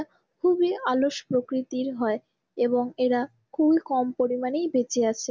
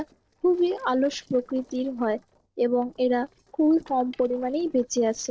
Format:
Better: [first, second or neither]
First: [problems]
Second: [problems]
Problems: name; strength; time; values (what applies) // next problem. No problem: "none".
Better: first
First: none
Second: noise reduction (neural separator model SepFormer DNS4)